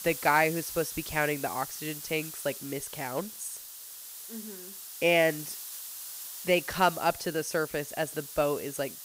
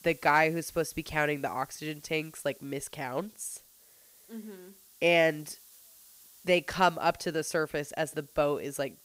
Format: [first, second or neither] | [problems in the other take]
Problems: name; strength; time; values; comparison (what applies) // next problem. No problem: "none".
second | hiss; loud; throughout; 10 dB below the speech; faint in the second